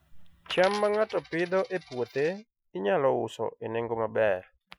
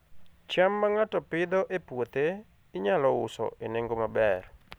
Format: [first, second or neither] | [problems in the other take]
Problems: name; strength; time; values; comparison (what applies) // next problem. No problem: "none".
second | noise reduction (classical method Wiener filter)